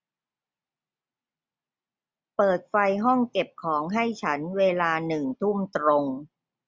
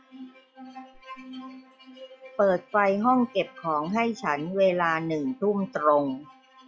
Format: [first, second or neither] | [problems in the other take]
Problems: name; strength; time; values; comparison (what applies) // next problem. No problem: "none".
first | noise reduction (classical method log-MMSE)